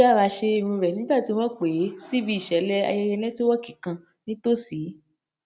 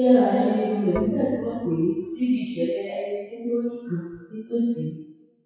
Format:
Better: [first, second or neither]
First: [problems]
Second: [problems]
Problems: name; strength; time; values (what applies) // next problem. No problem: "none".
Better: first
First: none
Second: noise reduction (classical method WPE with log-MMSE)